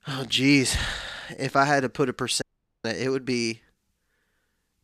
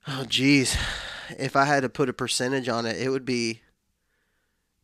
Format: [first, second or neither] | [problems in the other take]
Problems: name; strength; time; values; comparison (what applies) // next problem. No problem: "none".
second | audio cutting out; at 2.5 s